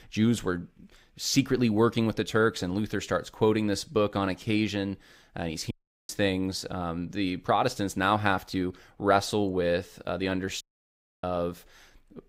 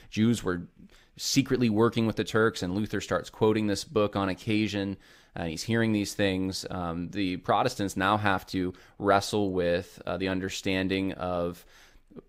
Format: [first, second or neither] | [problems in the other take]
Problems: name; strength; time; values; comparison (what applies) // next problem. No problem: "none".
second | audio cutting out; at 5.5 s and at 11 s for 0.5 s